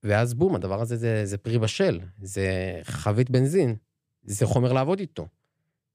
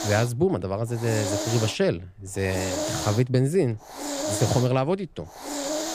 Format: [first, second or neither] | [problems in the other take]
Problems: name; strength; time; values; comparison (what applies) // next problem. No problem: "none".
first | hiss; loud; throughout; 5 dB below the speech